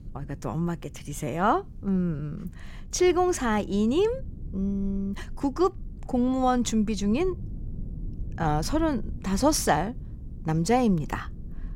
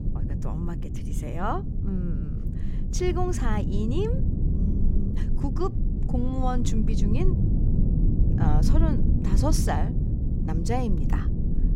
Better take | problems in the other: first | low rumble; loud; throughout; 5 dB below the speech; faint in the first

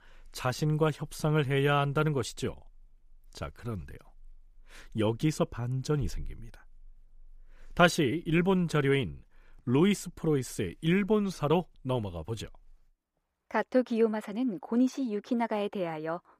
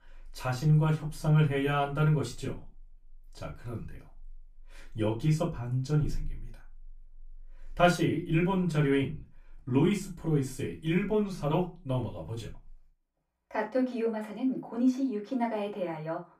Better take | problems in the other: first | off-mic speech; far // room echo; very slight; dies away in 0.2 s

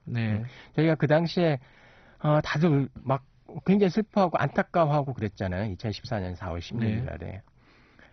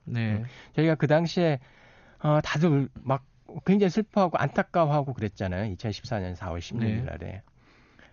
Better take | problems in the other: second | garbled, watery; badly; nothing above 6 kHz; slightly in the second

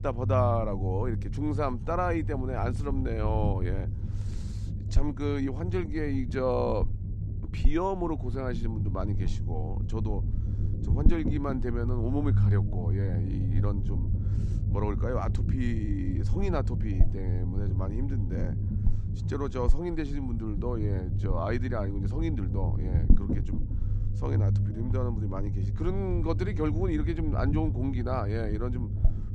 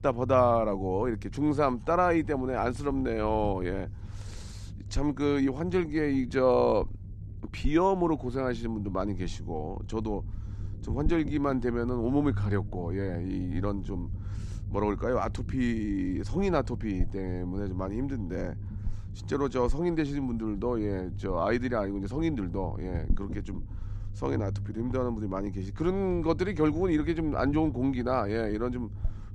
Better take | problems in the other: second | low rumble; loud; throughout; 10 dB below the speech; faint in the second

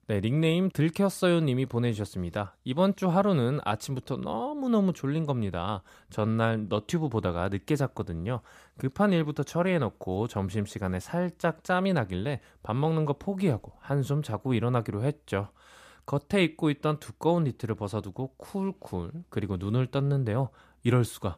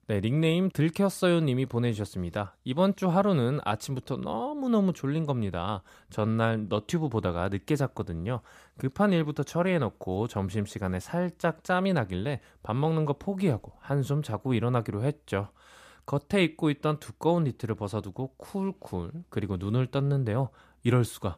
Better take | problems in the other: neither | none

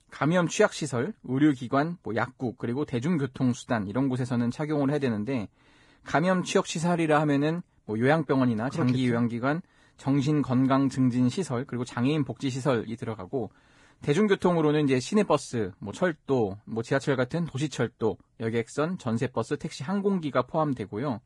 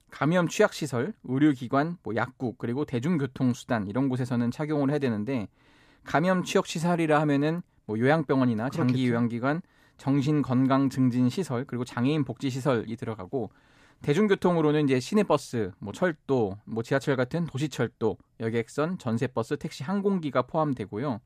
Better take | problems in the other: second | garbled, watery; badly; nothing above 10 kHz

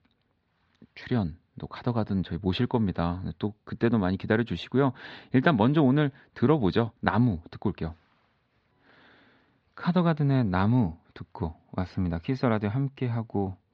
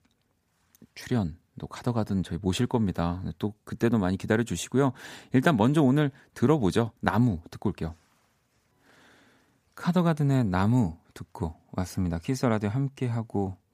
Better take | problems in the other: second | muffled; very slightly; fading above 4 kHz

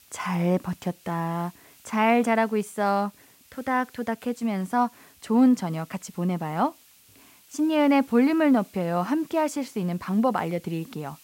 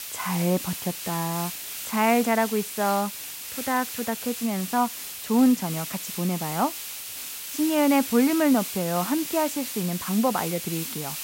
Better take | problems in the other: first | hiss; loud; throughout; 7 dB below the speech; faint in the first

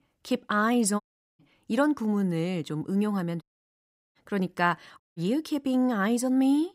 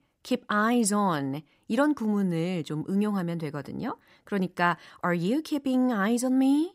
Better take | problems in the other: second | audio cutting out; at 1 s, at 3.5 s for 0.5 s and at 5 s

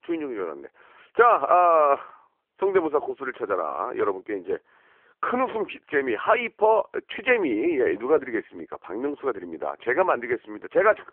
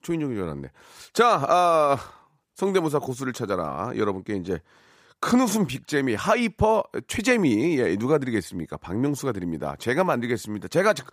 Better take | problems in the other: second | phone-call audio; poor line

